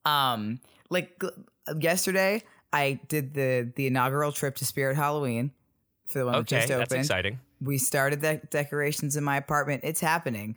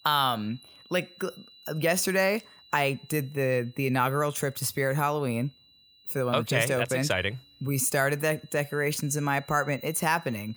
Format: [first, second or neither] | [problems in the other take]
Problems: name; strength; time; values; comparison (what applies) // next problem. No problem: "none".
first | high-pitched whine; faint; throughout; 4 kHz, 25 dB below the speech